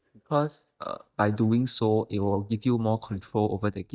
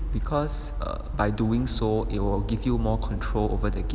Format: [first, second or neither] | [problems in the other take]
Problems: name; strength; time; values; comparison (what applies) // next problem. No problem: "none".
second | noise reduction (neural mask model DeepFilterNet 3)